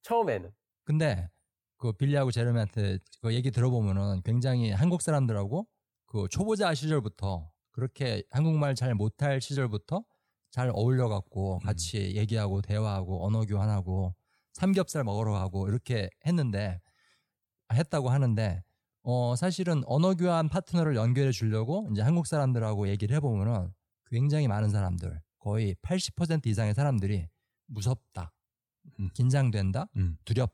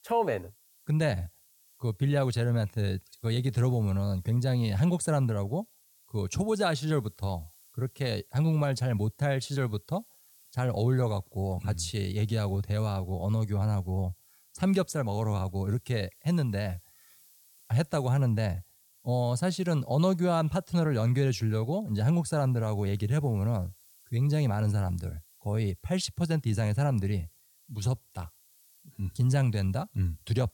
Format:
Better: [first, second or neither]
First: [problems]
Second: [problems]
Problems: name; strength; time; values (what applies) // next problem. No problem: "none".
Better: first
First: none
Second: hiss; faint; throughout; 30 dB below the speech